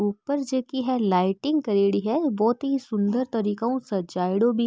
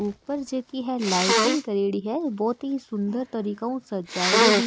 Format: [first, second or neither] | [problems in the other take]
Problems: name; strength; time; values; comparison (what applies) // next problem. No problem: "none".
first | background sound (Sneeze); as loud as the speech